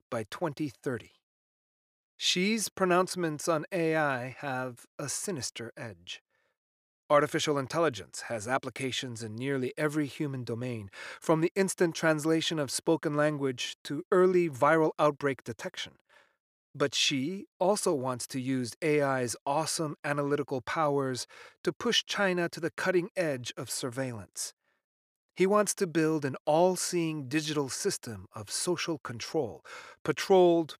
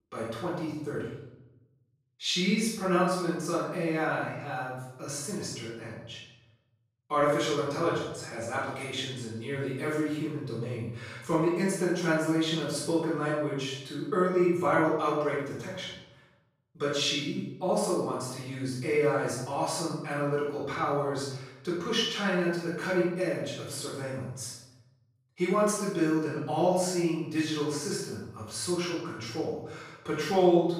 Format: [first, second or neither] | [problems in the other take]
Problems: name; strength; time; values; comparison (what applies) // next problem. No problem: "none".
first | off-mic speech; far // room echo; strong; dies away in 0.7 s